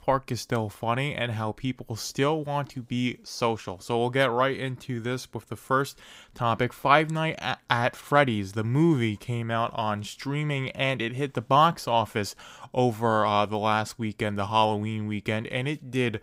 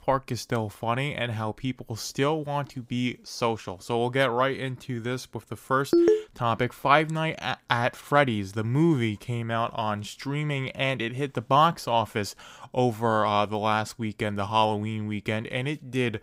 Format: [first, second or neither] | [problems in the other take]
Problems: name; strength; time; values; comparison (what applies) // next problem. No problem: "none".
first | phone ringing; loud; at 6 s; peak 6 dB above the speech